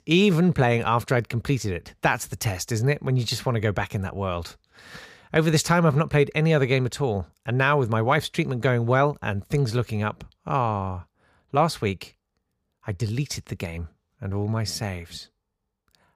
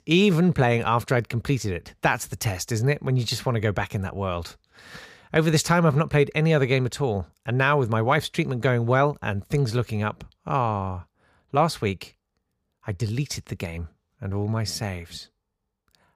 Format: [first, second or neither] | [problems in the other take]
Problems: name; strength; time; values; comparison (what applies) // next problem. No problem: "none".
neither | none